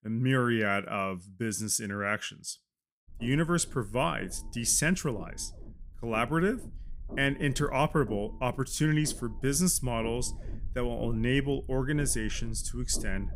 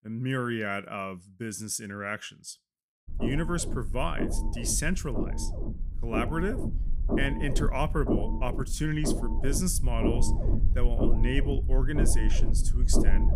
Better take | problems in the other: first | low rumble; loud; from 3 s on; 5 dB below the speech; faint in the first

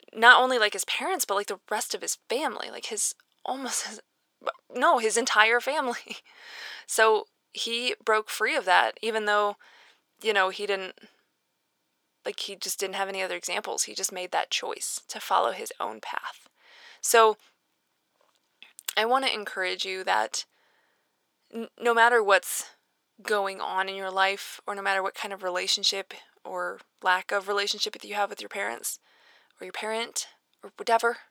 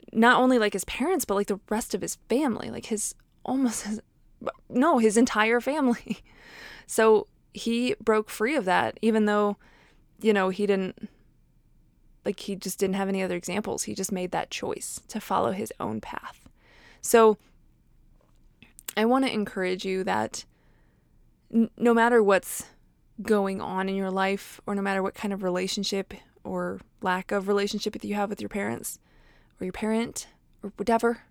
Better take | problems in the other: second | thin; very; fading below 700 Hz

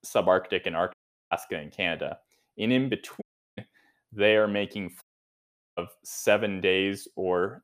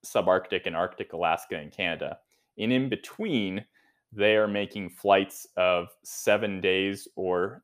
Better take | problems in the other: second | audio cutting out; at 1 s, at 3 s and at 5 s for 1 s

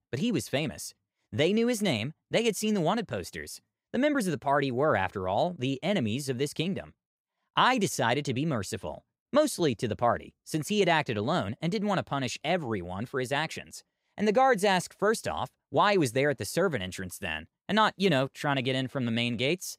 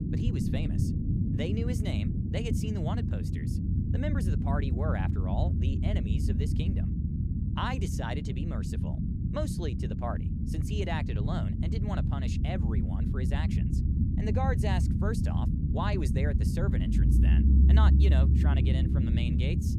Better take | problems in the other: first | low rumble; loud; throughout; 2 dB below the speech

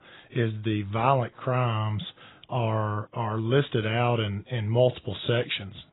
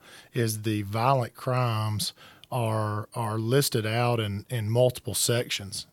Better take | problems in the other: second | garbled, watery; badly; nothing above 4 kHz

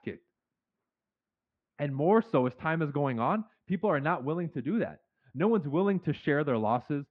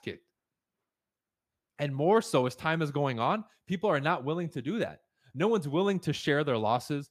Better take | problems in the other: second | muffled; very; fading above 2.5 kHz

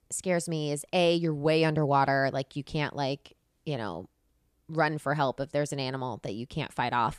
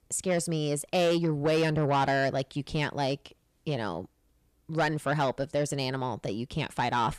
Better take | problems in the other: first | distortion; slight; 10 dB below the speech

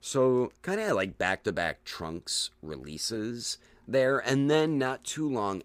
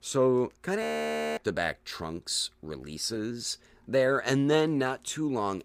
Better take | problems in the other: first | audio freezing; at 1 s for 0.5 s

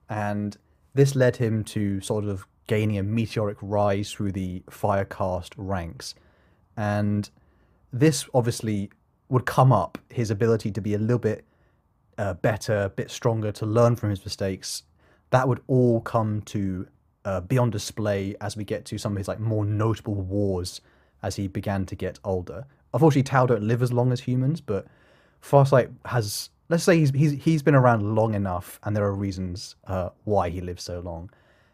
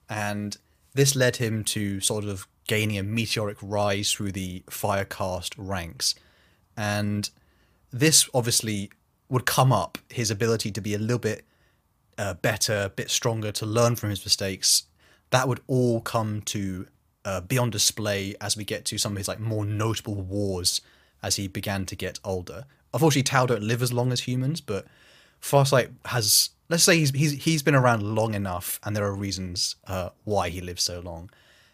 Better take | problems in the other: second | muffled; slightly; fading above 2 kHz

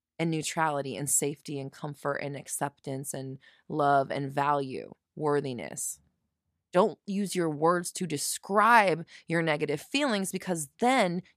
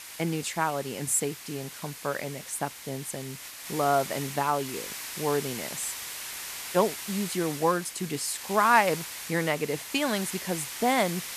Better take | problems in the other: first | hiss; loud; throughout; 8 dB below the speech

